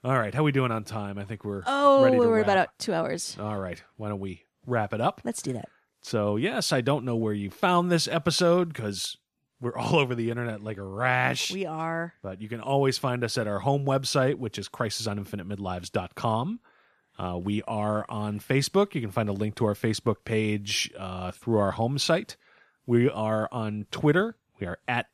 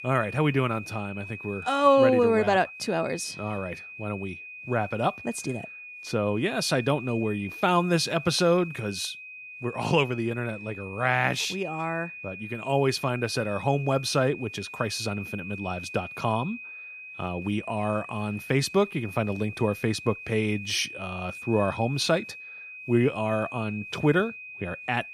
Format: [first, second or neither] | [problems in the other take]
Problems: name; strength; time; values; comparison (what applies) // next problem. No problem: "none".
first | high-pitched whine; noticeable; throughout; 2.5 kHz, 10 dB below the speech